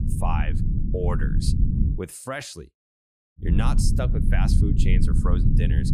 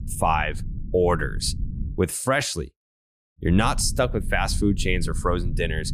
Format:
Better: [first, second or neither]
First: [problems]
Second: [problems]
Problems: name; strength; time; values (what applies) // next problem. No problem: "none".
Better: second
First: low rumble; loud; until 2 s and from 3.5 s on; 3 dB below the speech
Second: low rumble; faint; until 2 s and from 3.5 s on; 20 dB below the speech